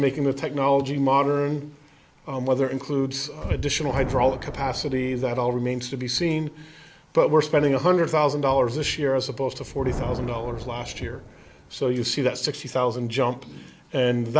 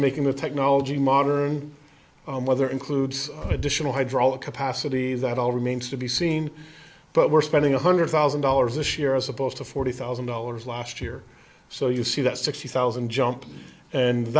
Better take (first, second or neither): second